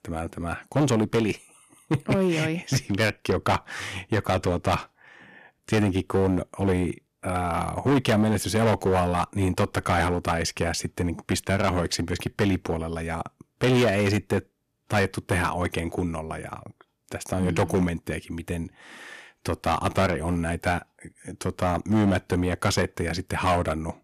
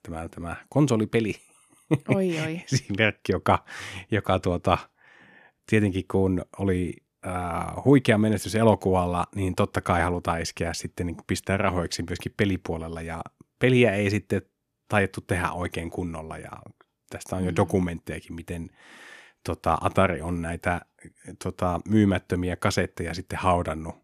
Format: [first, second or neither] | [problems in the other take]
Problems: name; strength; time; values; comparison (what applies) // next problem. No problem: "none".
second | distortion; heavy; 7% of the sound clipped